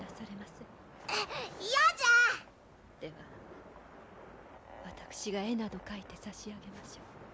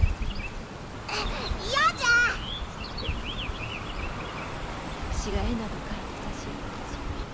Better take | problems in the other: first | background sound (Chirp, tweet); as loud as the speech

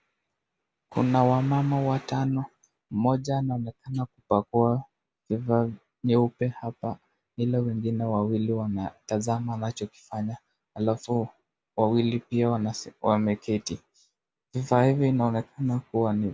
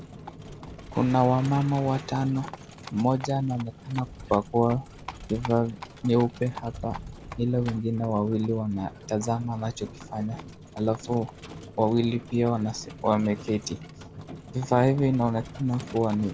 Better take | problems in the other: first | background sound (Livestock, farm animals, working animals); 15 dB below the speech

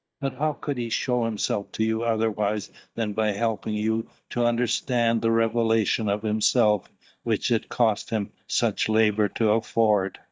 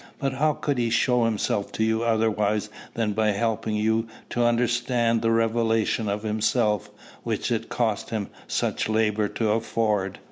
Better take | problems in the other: second | noise reduction (neural mask model DeepFilterNet 3)

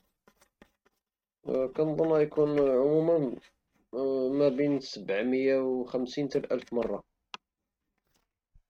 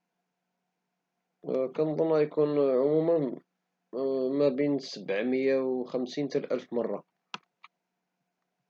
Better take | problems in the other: second | noise reduction (neural mask model RNNoise)

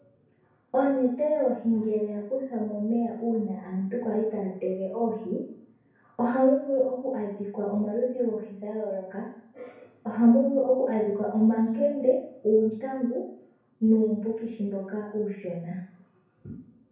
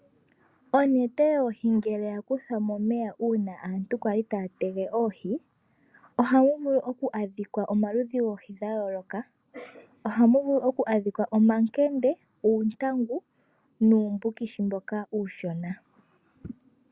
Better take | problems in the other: second | room echo; dies away in 0.6 s

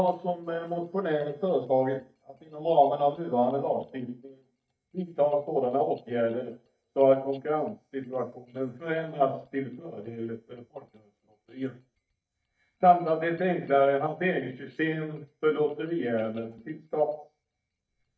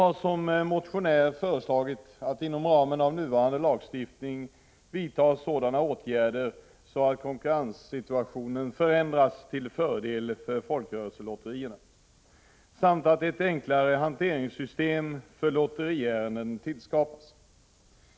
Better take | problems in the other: second | noise reduction (neural mask model DeepFilterNet 3)

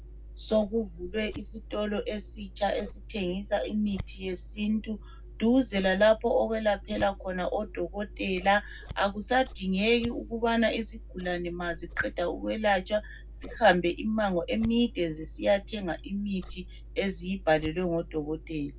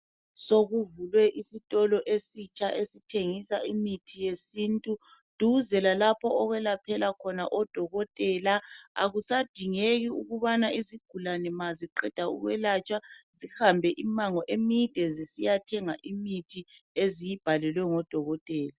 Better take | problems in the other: second | background sound (Scissors); 14 dB below the speech // room echo; dies away in 0.3 s

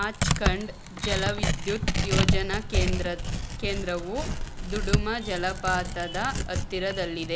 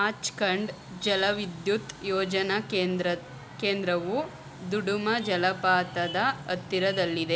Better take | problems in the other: second | background sound (Tearing); 3 dB above the speech

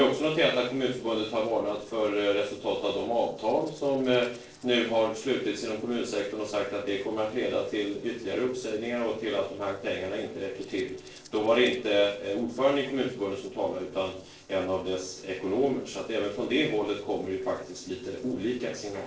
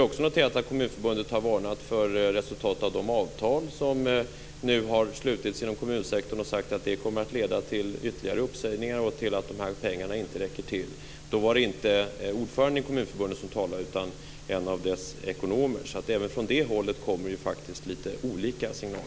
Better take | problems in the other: second | noise reduction (neural separator model SepFormer DNS4)

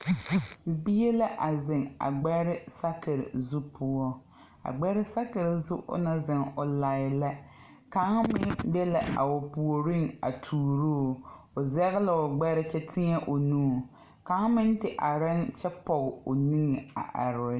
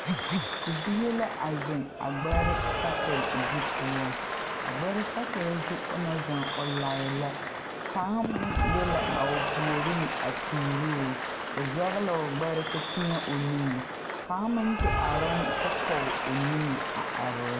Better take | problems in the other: first | background sound (Applause / Cheering); as loud as the speech

